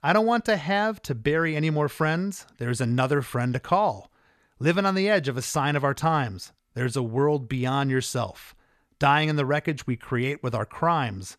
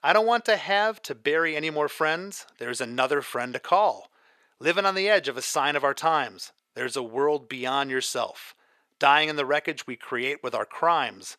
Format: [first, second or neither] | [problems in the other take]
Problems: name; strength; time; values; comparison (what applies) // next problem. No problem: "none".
first | thin; somewhat; fading below 450 Hz